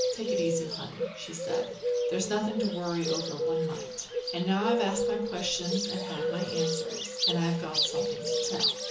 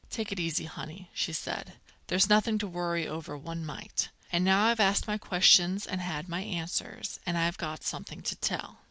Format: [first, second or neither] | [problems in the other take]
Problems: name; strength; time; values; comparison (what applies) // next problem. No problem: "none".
second | background sound (Bird); 2 dB above the speech // room echo; dies away in 0.8 s